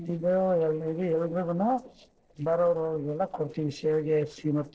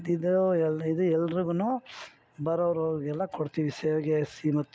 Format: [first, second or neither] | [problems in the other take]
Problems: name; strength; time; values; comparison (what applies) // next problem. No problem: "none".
second | noise reduction (neural separator model SepFormer DNS4)